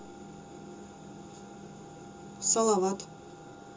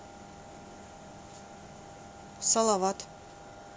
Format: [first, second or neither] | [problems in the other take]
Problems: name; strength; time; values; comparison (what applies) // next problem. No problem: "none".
second | room echo; dies away in 0.2 s